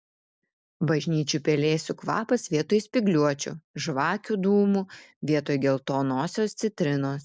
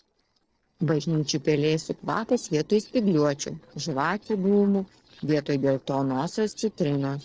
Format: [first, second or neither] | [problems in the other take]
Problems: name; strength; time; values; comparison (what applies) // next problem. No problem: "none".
first | noise reduction (neural separator model SepFormer DNS4)